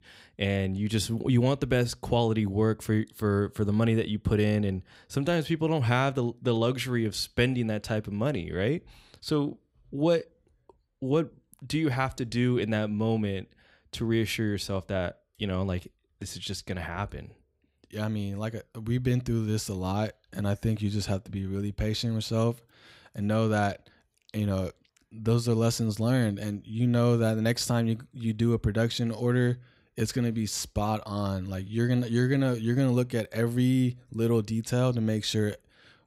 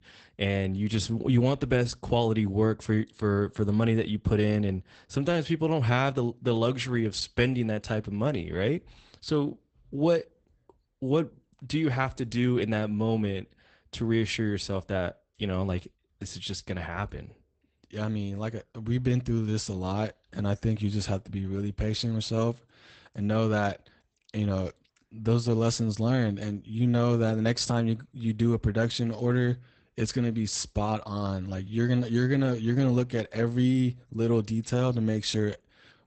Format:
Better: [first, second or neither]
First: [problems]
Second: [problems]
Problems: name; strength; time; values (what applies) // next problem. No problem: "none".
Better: first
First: none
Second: garbled, watery; badly; nothing above 8 kHz